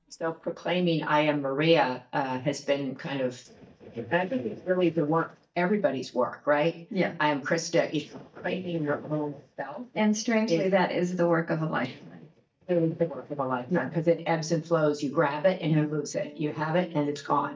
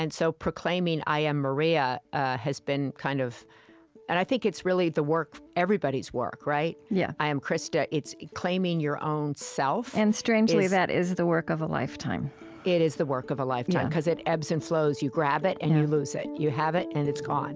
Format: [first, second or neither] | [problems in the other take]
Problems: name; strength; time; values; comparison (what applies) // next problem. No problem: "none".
second | noise reduction (neural mask model DeepFilterNet 3)